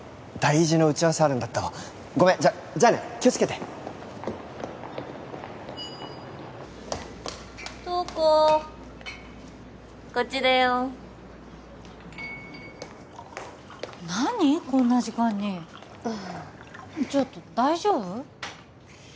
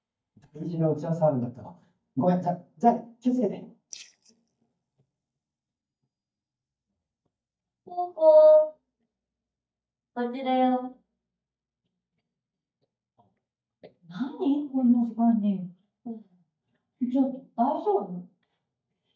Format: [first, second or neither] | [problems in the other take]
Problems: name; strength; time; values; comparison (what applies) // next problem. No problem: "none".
first | noise reduction (neural mask model DeepFilterNet 3)